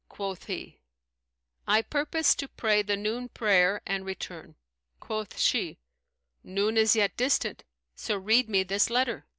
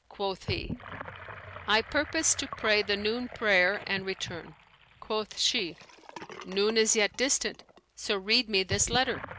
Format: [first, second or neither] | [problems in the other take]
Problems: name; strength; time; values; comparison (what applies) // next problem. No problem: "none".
first | background sound (Sink (filling or washing) / Gurgling); 13 dB below the speech